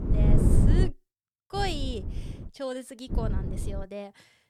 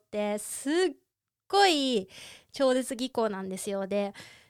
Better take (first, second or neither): second